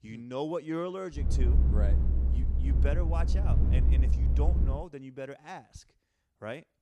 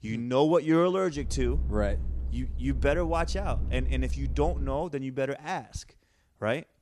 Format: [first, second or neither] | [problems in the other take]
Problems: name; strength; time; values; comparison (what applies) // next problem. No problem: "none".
second | low rumble; loud; from 1 to 5 s; 5 dB below the speech; faint in the second